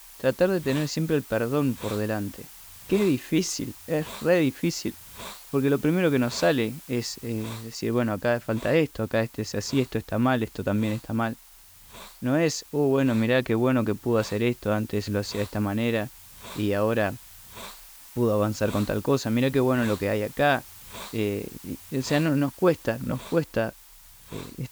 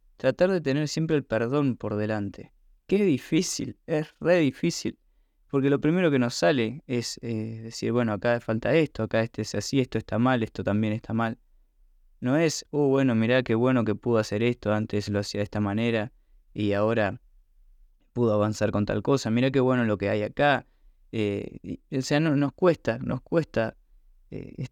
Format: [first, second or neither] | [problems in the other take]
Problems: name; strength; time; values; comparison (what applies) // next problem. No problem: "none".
second | hiss; noticeable; throughout; 15 dB below the speech